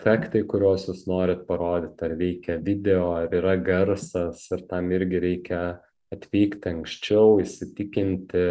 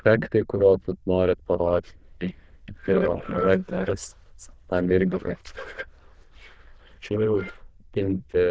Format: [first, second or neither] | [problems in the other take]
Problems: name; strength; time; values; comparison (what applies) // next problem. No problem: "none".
first | noise reduction (neural diffusion model UNIVERSE++)